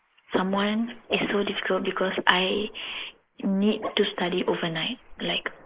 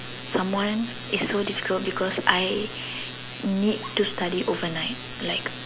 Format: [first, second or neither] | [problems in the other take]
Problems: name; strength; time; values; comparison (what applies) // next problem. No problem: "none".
second | noise reduction (neural mask model Resemble Enhance denoiser)